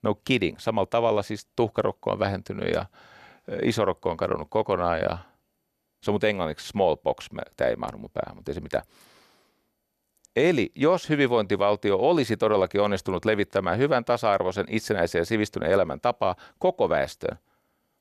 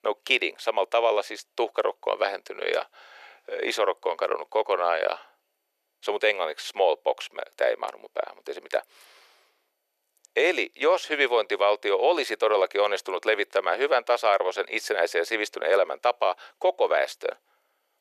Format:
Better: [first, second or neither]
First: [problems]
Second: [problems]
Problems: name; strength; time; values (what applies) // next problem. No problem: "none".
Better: first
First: none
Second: thin; very; fading below 400 Hz